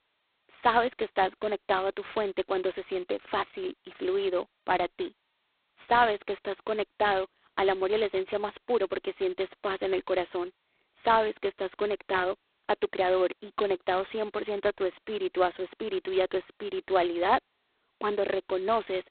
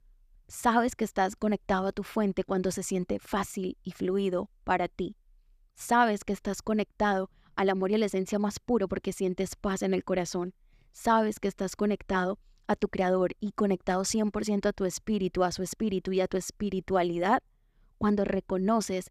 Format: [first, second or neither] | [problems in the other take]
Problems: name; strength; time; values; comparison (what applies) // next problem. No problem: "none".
second | phone-call audio; poor line; nothing above 4 kHz